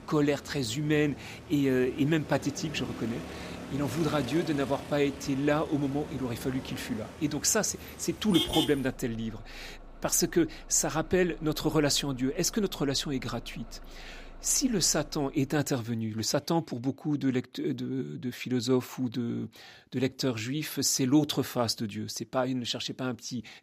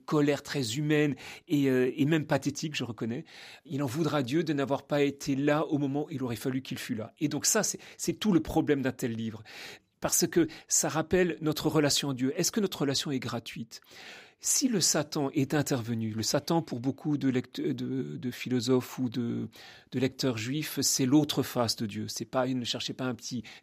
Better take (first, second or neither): second